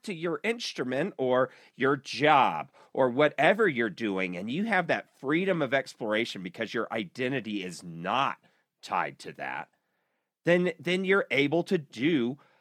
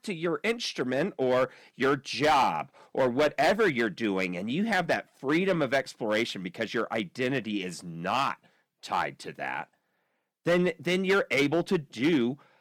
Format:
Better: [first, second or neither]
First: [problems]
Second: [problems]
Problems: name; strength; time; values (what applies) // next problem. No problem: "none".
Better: first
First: none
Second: distortion; slight; 4% of the sound clipped